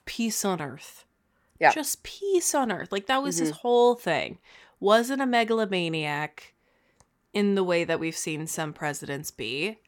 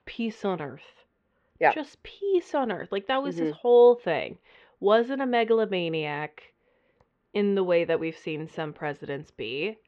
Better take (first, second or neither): first